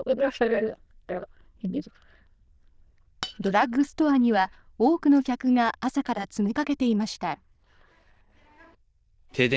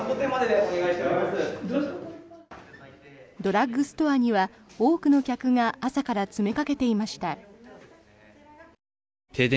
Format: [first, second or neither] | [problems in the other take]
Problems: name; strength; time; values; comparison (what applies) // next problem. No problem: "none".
second | noise reduction (neural diffusion model UNIVERSE++)